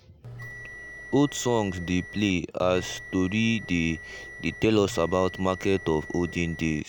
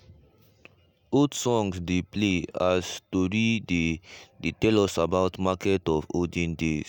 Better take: second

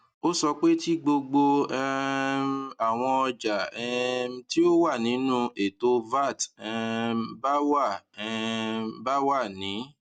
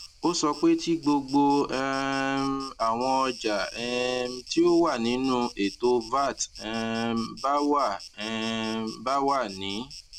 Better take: first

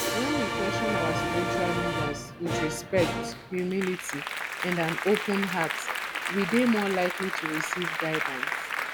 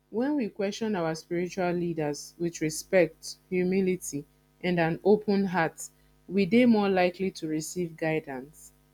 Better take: second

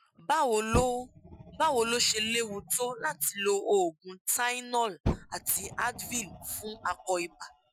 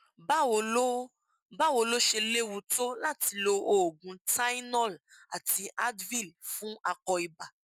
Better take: second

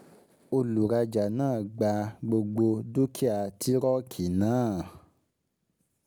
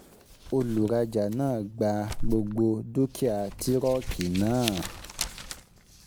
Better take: first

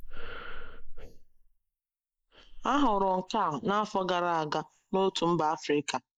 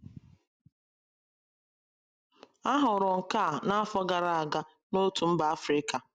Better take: second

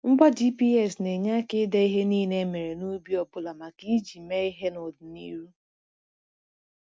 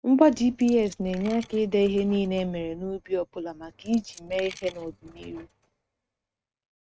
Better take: first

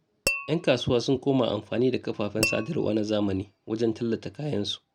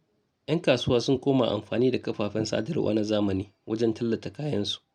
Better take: second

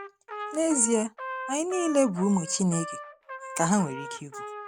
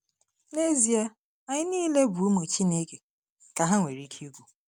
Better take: second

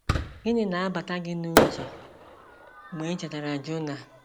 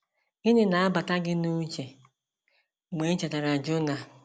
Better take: second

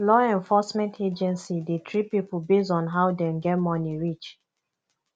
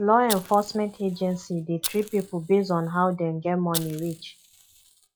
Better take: first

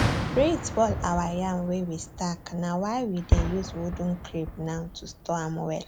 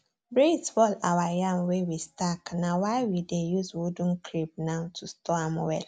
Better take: second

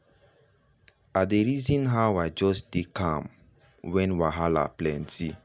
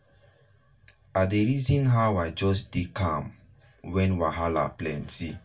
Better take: first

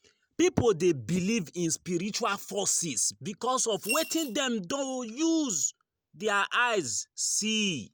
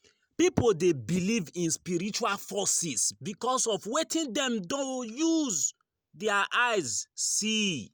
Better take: second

